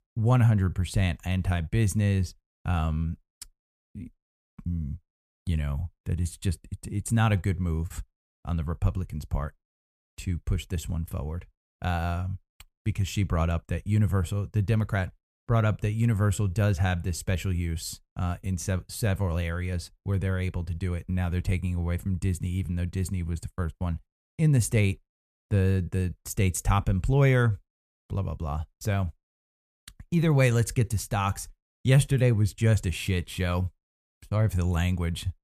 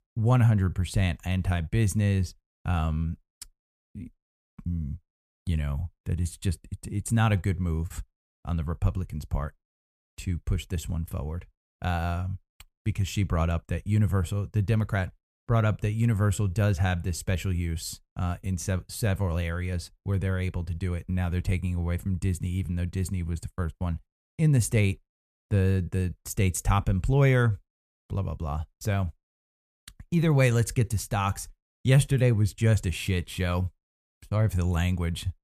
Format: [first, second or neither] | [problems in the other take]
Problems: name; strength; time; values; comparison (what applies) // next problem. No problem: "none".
neither | none